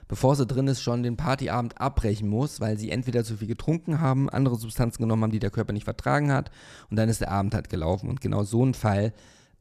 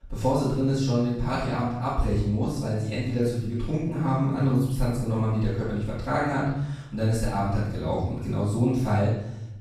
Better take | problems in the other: first | room echo; strong; dies away in 0.8 s // off-mic speech; far

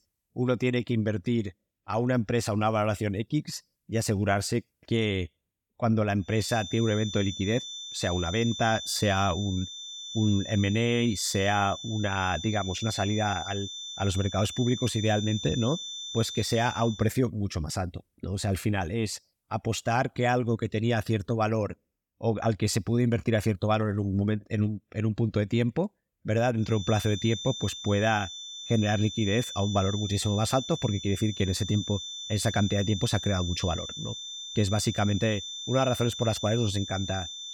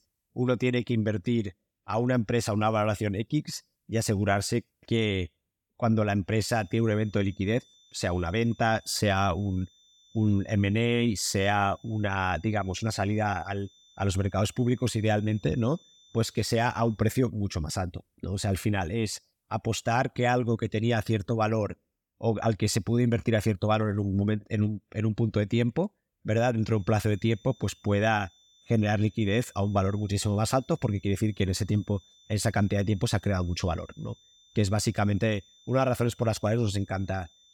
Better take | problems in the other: second | high-pitched whine; loud; from 6.5 to 17 s and from 27 s on; 3.5 kHz, 8 dB below the speech; faint in the second

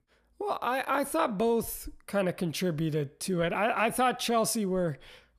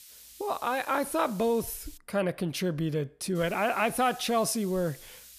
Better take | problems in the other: first | hiss; noticeable; until 2 s and from 3.5 s on; 20 dB below the speech

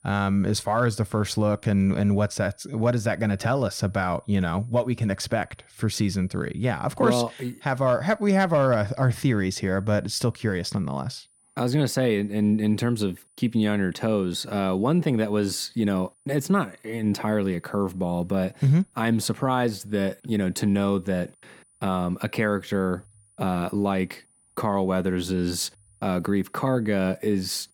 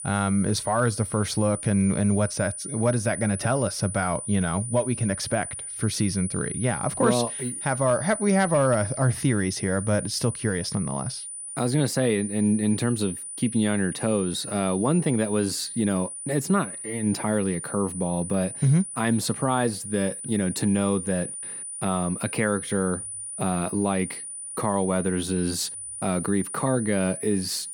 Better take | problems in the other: first | high-pitched whine; loud; throughout; 9.5 kHz, 7 dB below the speech; faint in the first

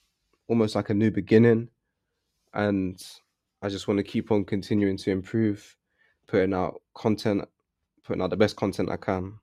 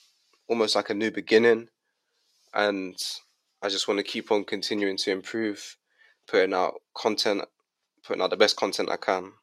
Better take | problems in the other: first | thin; somewhat; fading below 500 Hz

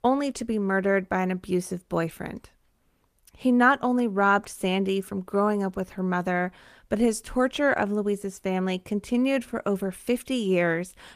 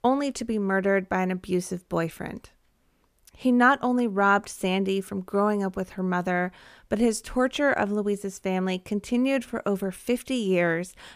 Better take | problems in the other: second | garbled, watery; slightly; nothing above 14.5 kHz

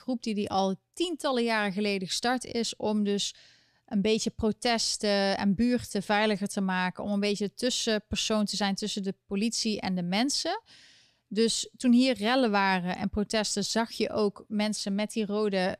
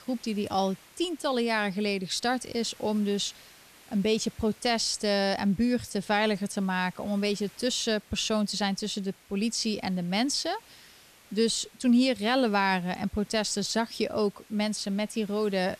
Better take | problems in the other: first | hiss; faint; throughout; 25 dB below the speech

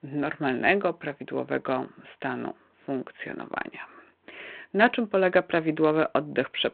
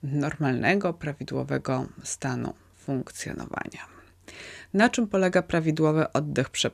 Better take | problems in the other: second | phone-call audio

